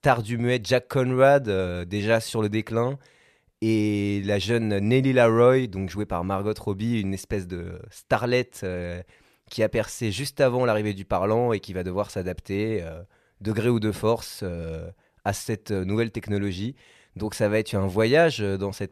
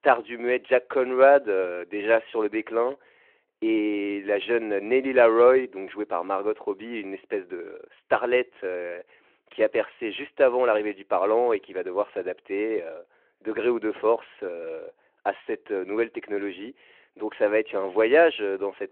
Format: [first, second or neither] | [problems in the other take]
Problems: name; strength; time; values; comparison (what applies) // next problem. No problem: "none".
first | phone-call audio